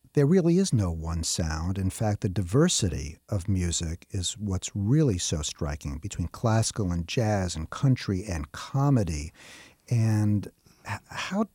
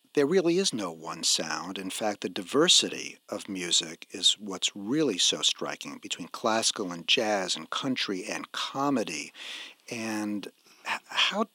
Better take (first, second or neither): first